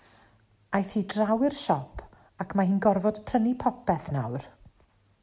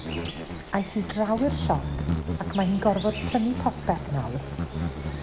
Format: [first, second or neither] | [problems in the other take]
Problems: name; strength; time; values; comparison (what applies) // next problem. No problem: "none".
first | background sound (Insect); 3 dB below the speech